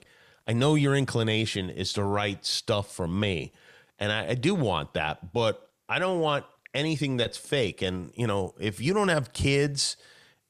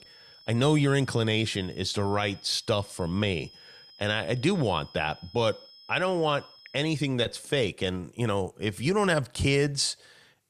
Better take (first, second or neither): first